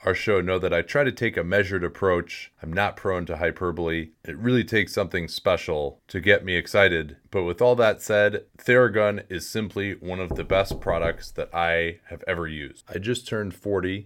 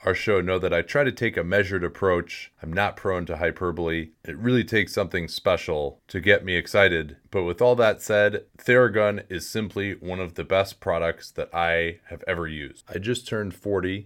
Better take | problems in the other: second | door banging; faint; from 10 to 11 s; peak 10 dB below the speech

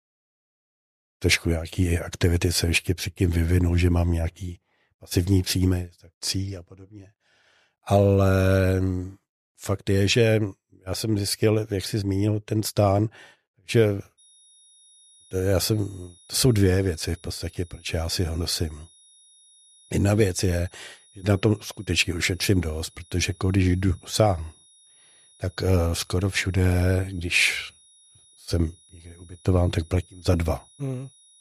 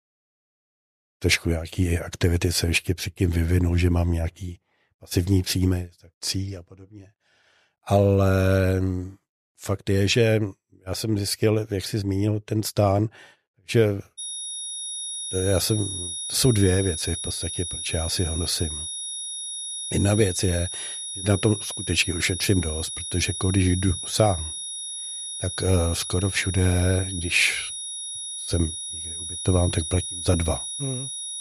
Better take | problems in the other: first | high-pitched whine; loud; from 14 s on; 10 kHz, 6 dB below the speech; faint in the first

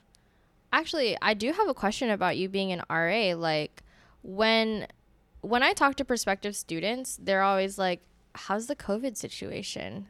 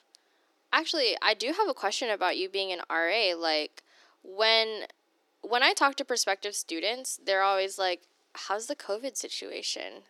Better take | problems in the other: first | thin; somewhat; fading below 300 Hz

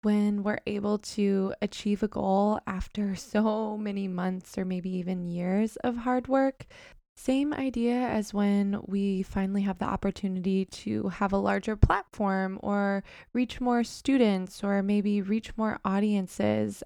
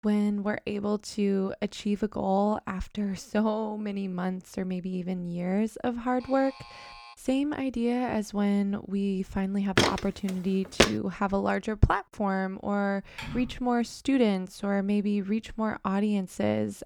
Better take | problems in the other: first | alarm; faint; at 6 s; peak 15 dB below the speech // footsteps; loud; from 10 to 11 s; peak 5 dB above the speech // keyboard typing; noticeable; at 13 s; peak 10 dB below the speech

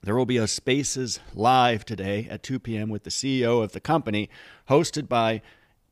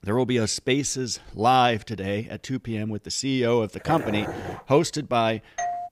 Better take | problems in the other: first | dog barking; noticeable; at 4 s; peak 7 dB below the speech // doorbell; noticeable; at 5.5 s; peak 5 dB below the speech

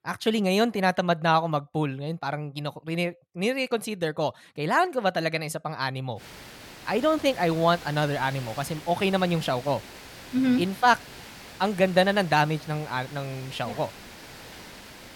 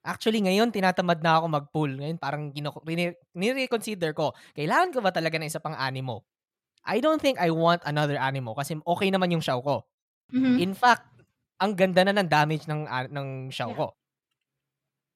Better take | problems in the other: second | hiss; noticeable; from 6 s on; 15 dB below the speech

